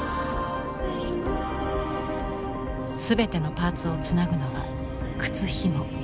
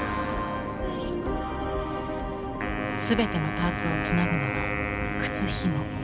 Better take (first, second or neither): first